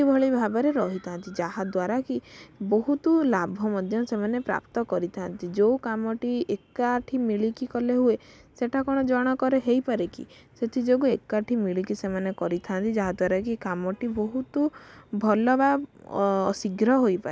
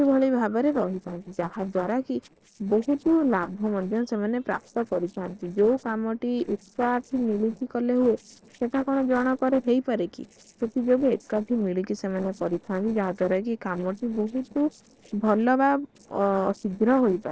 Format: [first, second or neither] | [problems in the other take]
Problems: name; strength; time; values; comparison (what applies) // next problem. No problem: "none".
first | noise reduction (neural separator model SepFormer DNS4)